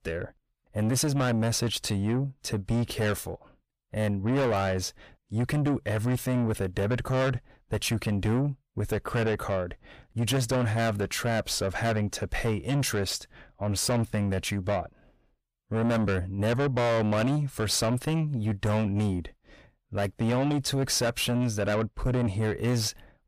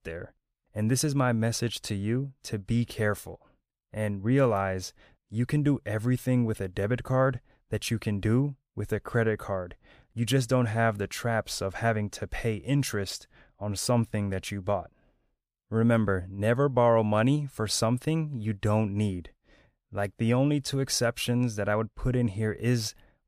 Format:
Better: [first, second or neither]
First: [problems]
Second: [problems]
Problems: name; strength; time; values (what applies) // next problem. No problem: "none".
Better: second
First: distortion; heavy; 7 dB below the speech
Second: none